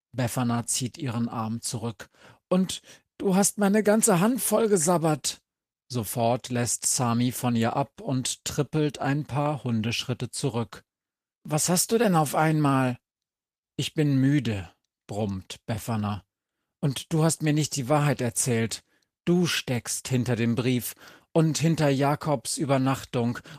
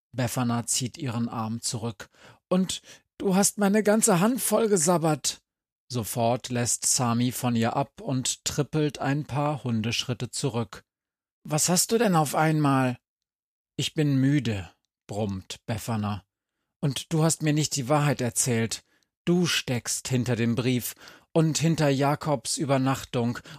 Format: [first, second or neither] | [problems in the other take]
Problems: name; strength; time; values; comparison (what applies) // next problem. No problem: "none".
second | garbled, watery; slightly; nothing above 14.5 kHz